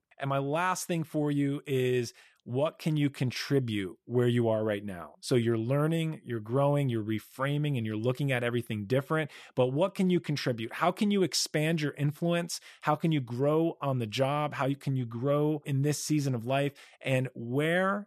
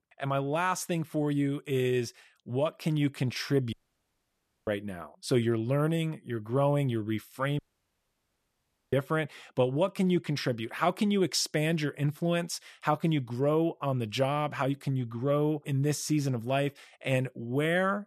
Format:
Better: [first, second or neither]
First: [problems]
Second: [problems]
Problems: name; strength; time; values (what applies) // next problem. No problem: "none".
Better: first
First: none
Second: audio cutting out; at 3.5 s for 1 s and at 7.5 s for 1.5 s